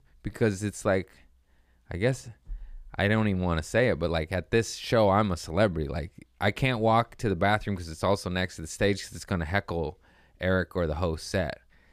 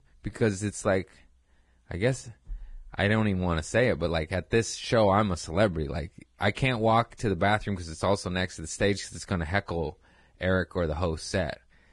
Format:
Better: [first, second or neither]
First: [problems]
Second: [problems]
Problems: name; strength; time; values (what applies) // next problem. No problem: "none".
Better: first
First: none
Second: garbled, watery; badly; nothing above 10 kHz